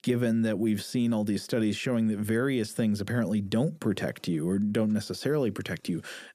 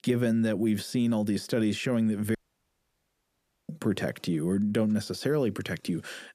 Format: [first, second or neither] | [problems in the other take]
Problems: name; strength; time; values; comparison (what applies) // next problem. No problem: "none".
first | audio cutting out; at 2.5 s for 1.5 s